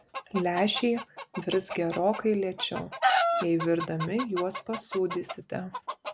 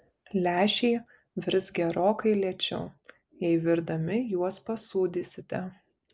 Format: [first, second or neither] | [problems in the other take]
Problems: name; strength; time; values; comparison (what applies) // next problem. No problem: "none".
second | background sound (Chicken, rooster); 4 dB below the speech